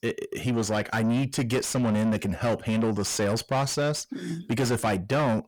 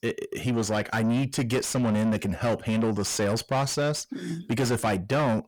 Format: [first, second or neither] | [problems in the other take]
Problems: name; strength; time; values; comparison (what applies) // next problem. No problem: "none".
neither | distortion; heavy; 7 dB below the speech; the same in both